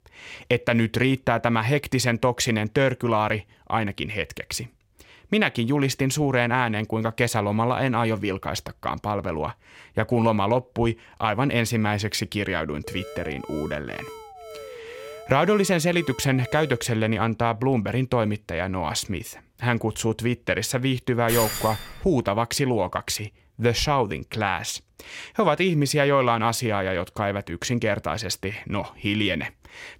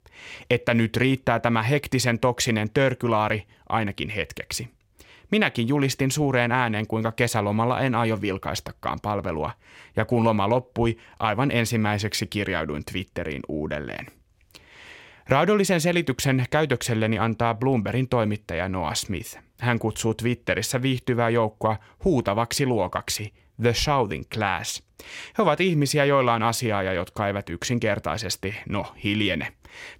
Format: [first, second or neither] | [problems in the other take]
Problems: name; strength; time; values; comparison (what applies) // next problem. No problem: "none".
second | alarm; faint; from 13 to 17 s; peak 15 dB below the speech // jangling keys; noticeable; at 21 s; peak 2 dB below the speech